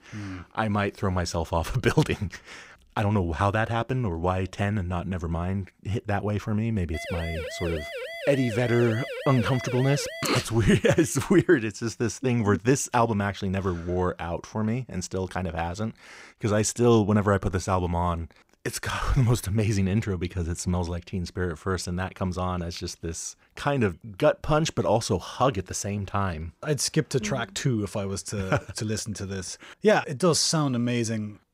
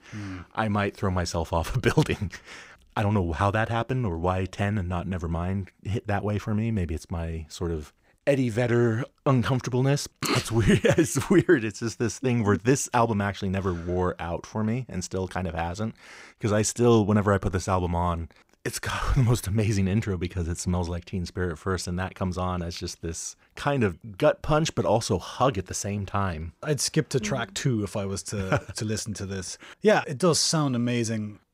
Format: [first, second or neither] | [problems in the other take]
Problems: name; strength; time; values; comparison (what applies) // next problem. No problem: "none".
second | siren; noticeable; from 7 to 10 s; peak 8 dB below the speech